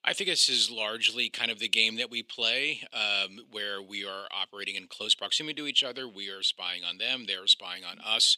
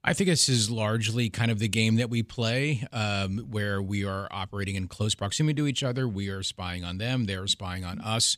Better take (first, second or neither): second